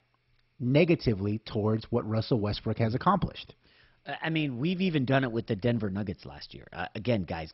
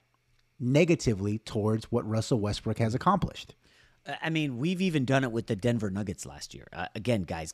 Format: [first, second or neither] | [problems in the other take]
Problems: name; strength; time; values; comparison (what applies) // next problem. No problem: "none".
second | garbled, watery; badly; nothing above 5.5 kHz